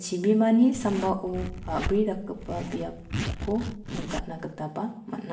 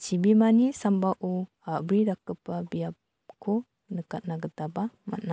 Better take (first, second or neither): second